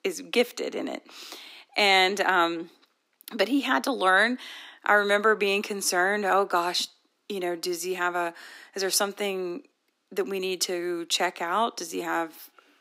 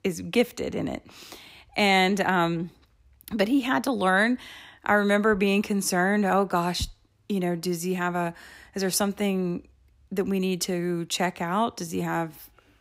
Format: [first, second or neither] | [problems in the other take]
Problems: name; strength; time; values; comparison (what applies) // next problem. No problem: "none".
second | thin; somewhat; fading below 250 Hz